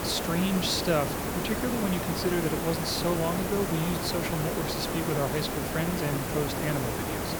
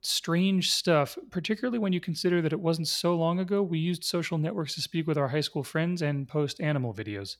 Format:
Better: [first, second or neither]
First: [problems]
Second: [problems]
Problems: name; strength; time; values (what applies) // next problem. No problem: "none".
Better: second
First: hiss; loud; throughout; 1 dB below the speech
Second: none